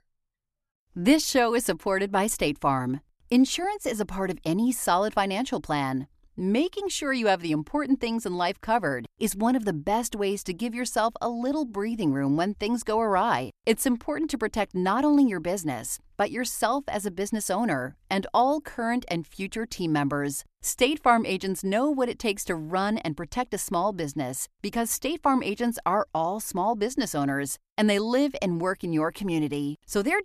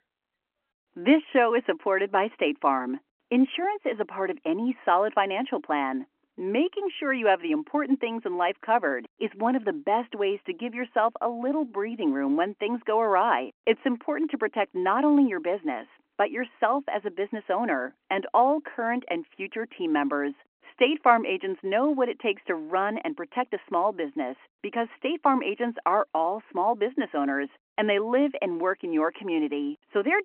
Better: first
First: none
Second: phone-call audio

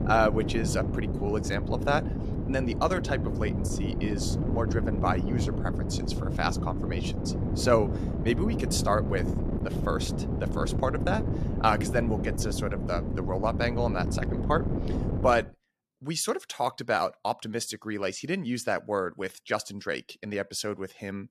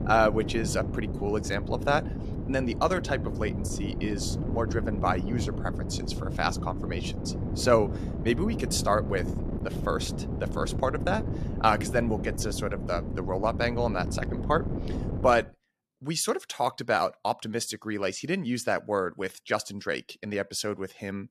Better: second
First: wind noise on the microphone; heavy; until 15 s; 8 dB below the speech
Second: wind noise on the microphone; occasional gusts; until 15 s; 10 dB below the speech

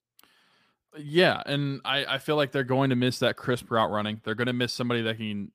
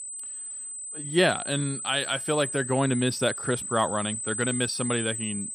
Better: first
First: none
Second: high-pitched whine; loud; throughout; 8 kHz, 5 dB below the speech

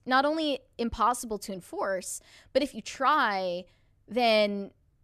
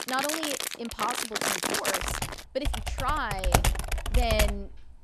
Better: first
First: none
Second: household noises; very loud; throughout; 4 dB above the speech

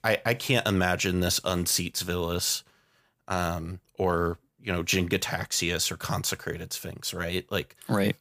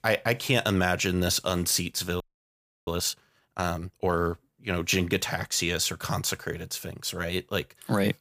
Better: first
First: none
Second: audio freezing; at 2 s for 0.5 s

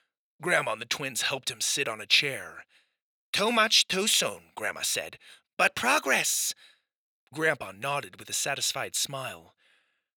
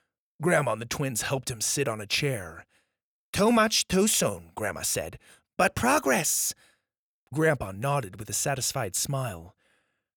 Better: second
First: thin; somewhat; fading below 400 Hz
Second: none

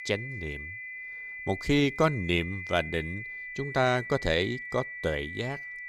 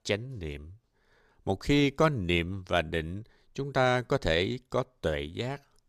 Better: second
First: high-pitched whine; loud; throughout; 2 kHz, 8 dB below the speech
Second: none

